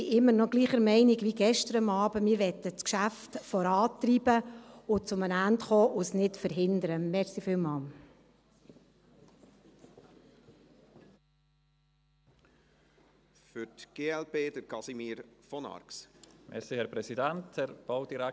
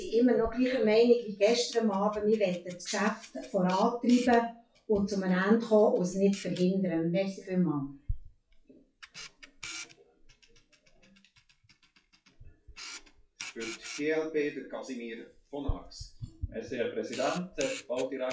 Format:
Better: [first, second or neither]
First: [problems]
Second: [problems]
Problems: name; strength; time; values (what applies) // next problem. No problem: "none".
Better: first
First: none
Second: noise reduction (classical method WPE with log-MMSE)